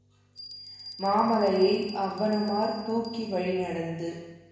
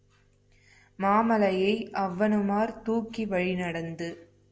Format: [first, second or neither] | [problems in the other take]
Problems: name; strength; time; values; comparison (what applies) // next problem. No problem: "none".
second | background sound (Bell); 16 dB below the speech // room echo; dies away in 1 s